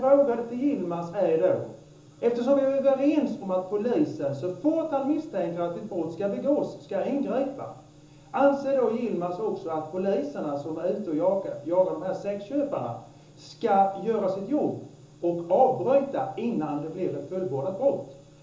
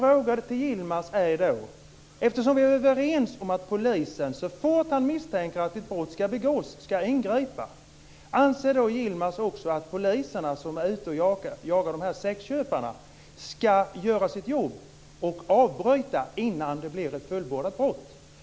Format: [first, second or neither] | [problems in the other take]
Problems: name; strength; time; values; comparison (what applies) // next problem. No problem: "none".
second | room echo; dies away in 0.6 s